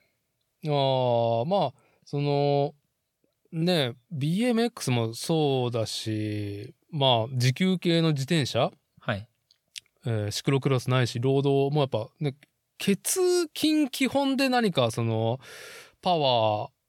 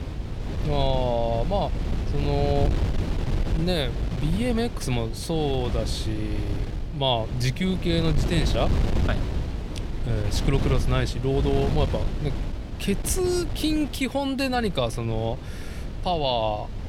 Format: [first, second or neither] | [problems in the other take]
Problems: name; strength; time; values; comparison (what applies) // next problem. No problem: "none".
first | wind noise on the microphone; heavy; 10 dB below the speech